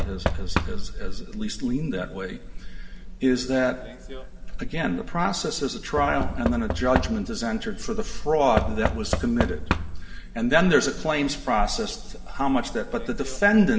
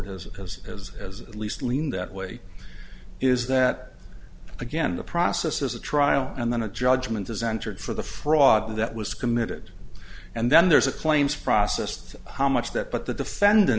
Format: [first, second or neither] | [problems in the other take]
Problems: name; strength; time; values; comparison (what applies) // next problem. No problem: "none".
second | background sound (Knock / Wood); 9 dB below the speech // room echo; dies away in 2.1 s